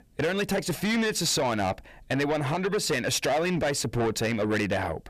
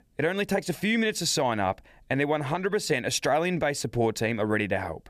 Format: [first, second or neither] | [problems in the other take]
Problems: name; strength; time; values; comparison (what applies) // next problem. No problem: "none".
second | distortion; heavy; 8 dB below the speech